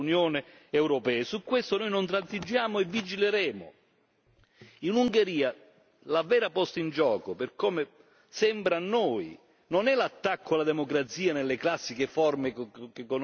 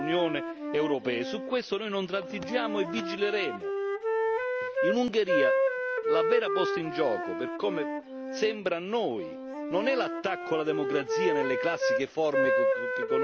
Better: first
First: none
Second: background sound (Wind instrument, woodwind instrument); 1 dB above the speech

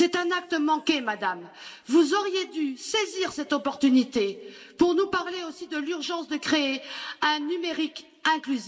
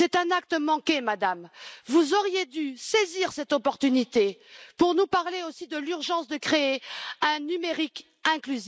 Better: second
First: room echo; dies away in 1.4 s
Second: none

